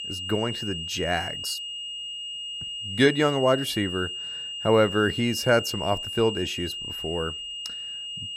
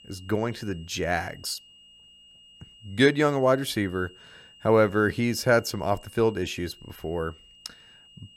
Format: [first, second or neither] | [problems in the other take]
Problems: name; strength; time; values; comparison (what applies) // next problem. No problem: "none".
second | high-pitched whine; loud; throughout; 3 kHz, 6 dB below the speech; faint in the second